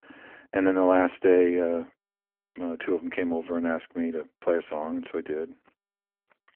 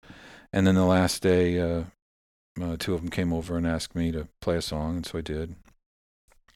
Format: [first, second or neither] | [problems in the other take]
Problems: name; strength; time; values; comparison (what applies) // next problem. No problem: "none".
second | phone-call audio